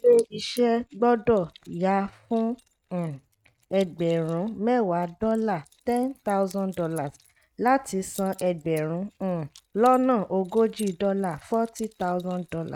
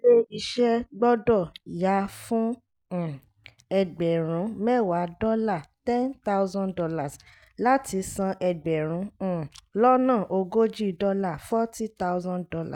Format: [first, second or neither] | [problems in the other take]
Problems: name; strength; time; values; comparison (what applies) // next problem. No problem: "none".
second | noise reduction (neural mask model RNNoise)